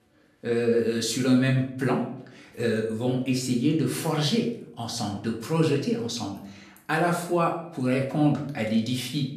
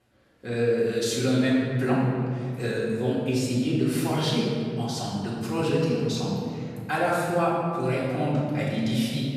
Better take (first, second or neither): first